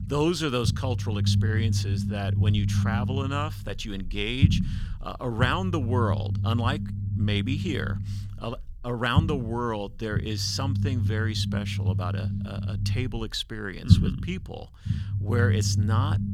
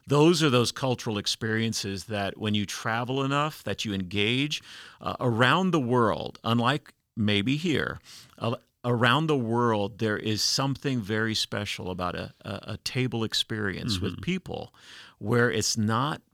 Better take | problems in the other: second | low rumble; loud; throughout; 9 dB below the speech

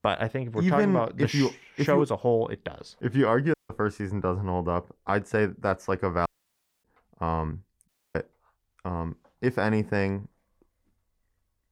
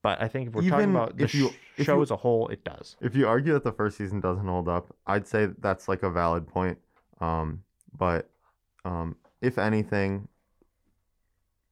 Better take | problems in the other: second | audio cutting out; at 3.5 s, at 6.5 s for 0.5 s and at 8 s

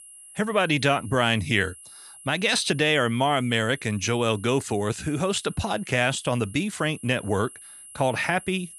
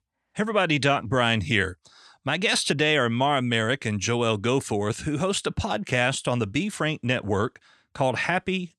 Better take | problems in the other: second | high-pitched whine; noticeable; throughout; 11 kHz, 20 dB below the speech

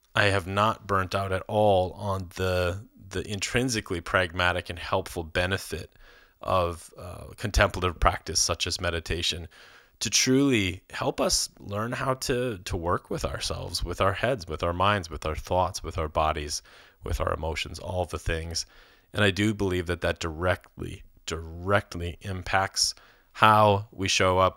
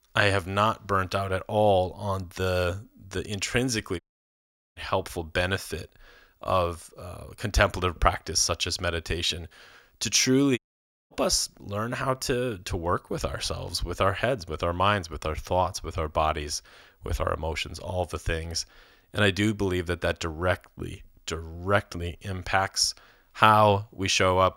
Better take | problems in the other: first | audio cutting out; at 4 s for 1 s and at 11 s for 0.5 s

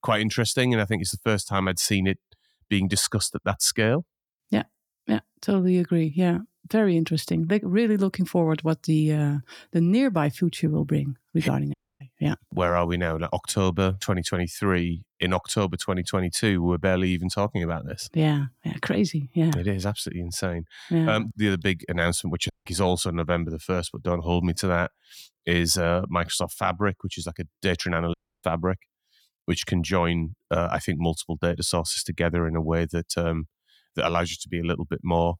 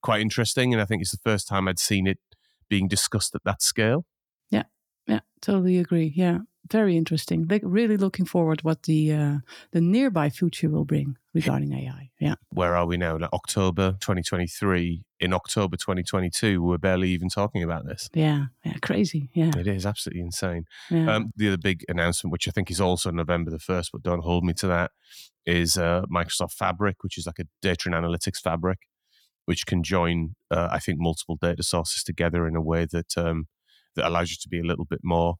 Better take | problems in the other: second | audio cutting out; at 12 s, at 23 s and at 28 s

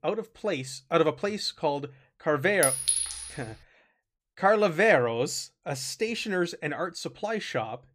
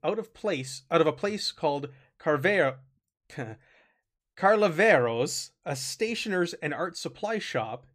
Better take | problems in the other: second | clattering dishes; loud; at 2.5 s; peak 4 dB above the speech

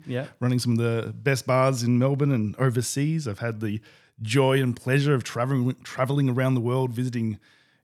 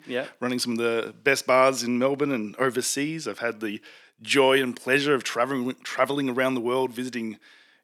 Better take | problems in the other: first | thin; somewhat; fading below 300 Hz

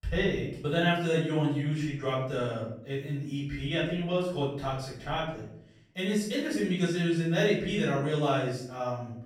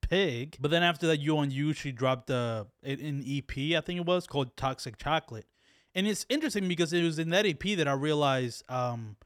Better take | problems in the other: second | off-mic speech; far // room echo; noticeable; dies away in 0.6 s

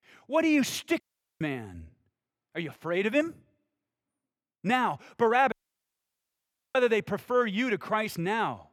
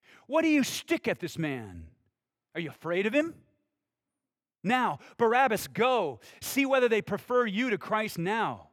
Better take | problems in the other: second | audio cutting out; at 1 s and at 5.5 s for 1 s

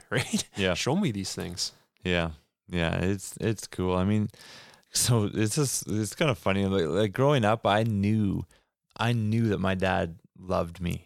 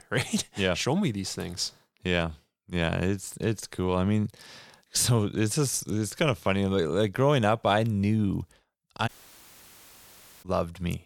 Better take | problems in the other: first | audio cutting out; at 9 s for 1.5 s

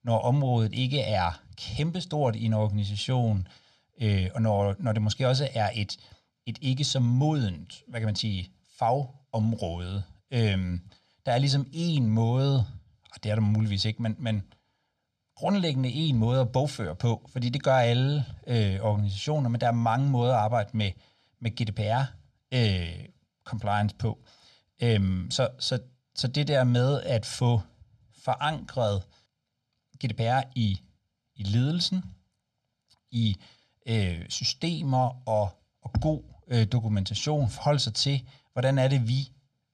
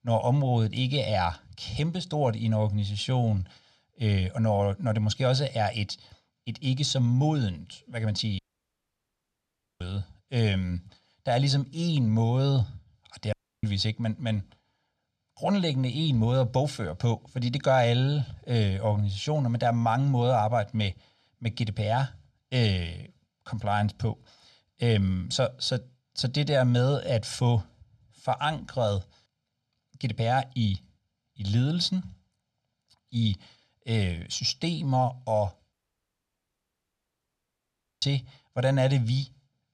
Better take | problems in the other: first | audio cutting out; at 8.5 s for 1.5 s, at 13 s and at 36 s for 2.5 s

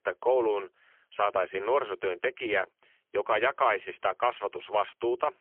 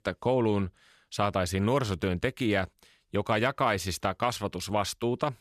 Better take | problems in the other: second | phone-call audio; poor line; nothing above 3 kHz

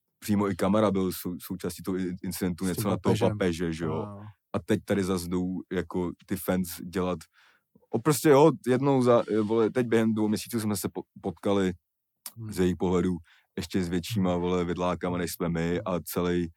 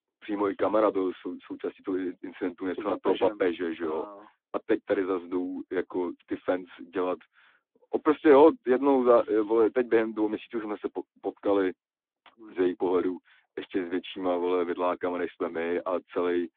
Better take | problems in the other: first | phone-call audio

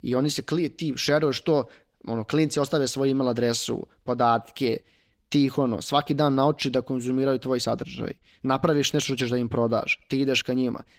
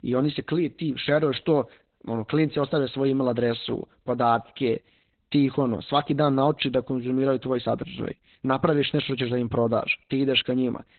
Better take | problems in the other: first | garbled, watery; badly; nothing above 4 kHz; slightly in the first

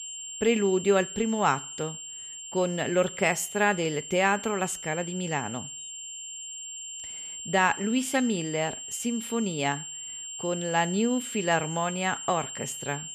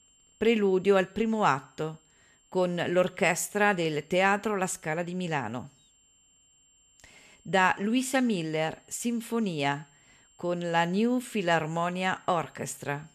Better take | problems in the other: second | high-pitched whine; loud; throughout; 7.5 kHz, 9 dB below the speech; faint in the second

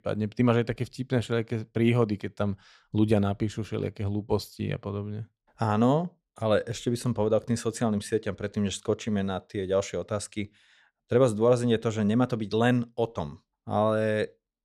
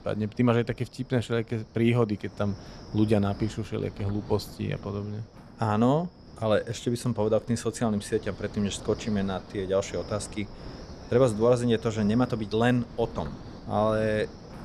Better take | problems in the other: first | wind noise on the microphone; occasional gusts; 20 dB below the speech

